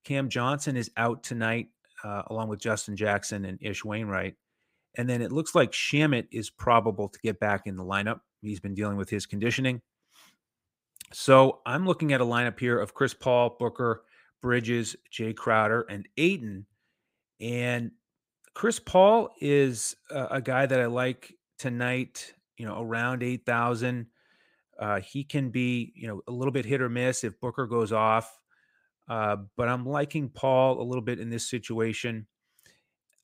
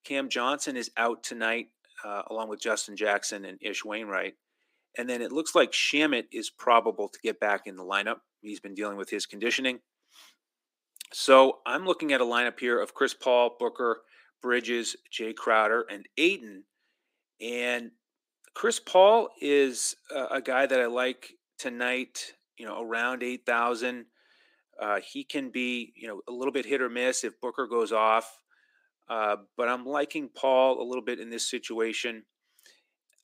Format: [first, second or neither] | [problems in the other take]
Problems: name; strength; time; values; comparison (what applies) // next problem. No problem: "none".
first | thin; somewhat; fading below 250 Hz